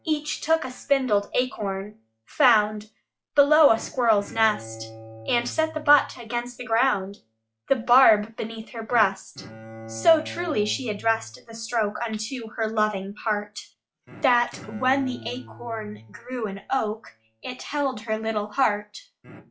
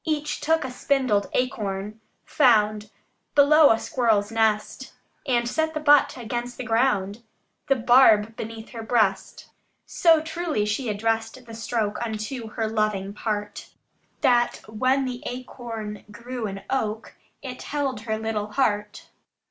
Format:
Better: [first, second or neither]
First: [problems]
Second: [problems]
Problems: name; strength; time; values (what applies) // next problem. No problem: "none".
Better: second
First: noise reduction (classical method log-MMSE)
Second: none